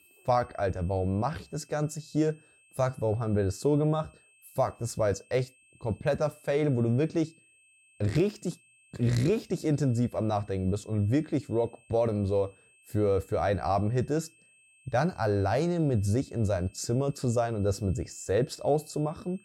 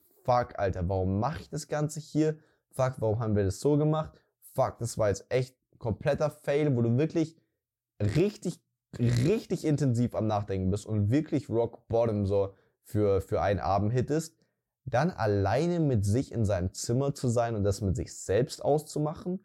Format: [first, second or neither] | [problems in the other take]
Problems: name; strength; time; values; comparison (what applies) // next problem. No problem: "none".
second | high-pitched whine; faint; throughout; 2.5 kHz, 30 dB below the speech